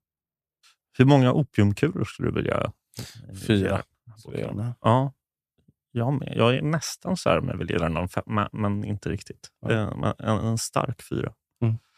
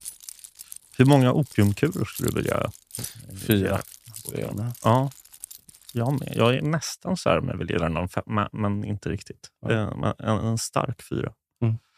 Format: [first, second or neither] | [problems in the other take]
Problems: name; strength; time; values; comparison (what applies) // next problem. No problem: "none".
first | jangling keys; noticeable; until 6.5 s; peak 10 dB below the speech